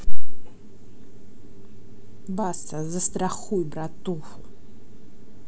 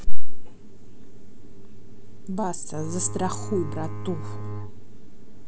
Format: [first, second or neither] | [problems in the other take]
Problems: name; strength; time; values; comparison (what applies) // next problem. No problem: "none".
first | background sound (Bowed string instrument); 18 dB below the speech